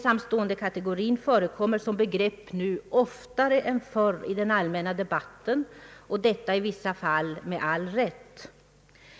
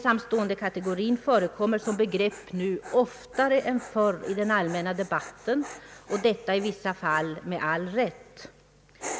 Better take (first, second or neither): first